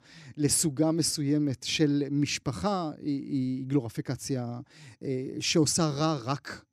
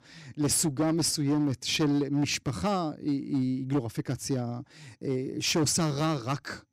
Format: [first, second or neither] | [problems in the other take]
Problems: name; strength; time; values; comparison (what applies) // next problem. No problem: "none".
first | distortion; slight; 8% of the sound clipped